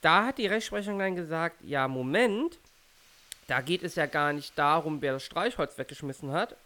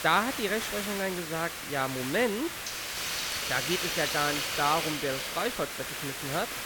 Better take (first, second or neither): first